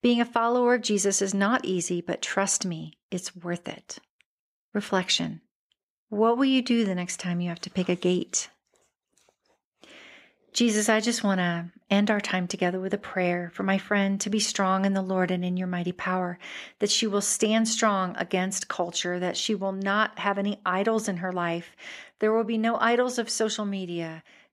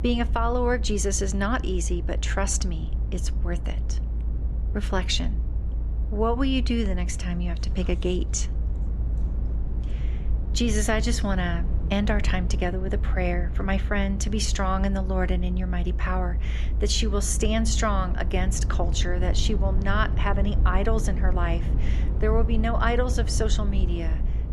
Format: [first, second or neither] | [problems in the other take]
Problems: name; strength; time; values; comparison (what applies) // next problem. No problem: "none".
first | low rumble; noticeable; throughout; 15 dB below the speech